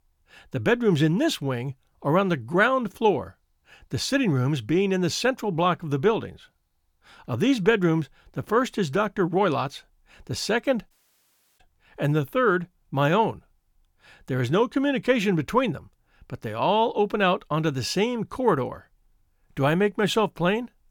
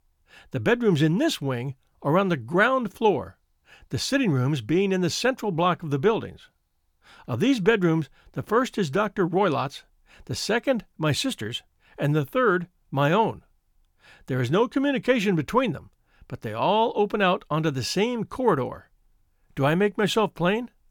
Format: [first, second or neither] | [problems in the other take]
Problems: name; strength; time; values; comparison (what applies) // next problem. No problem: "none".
second | audio cutting out; at 11 s for 0.5 s